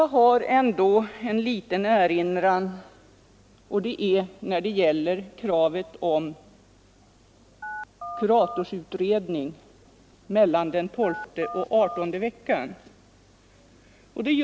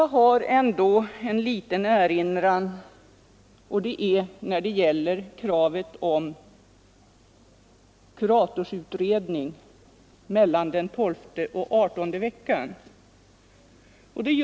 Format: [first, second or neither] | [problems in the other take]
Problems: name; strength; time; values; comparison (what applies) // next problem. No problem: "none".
second | background sound (Telephone); 11 dB below the speech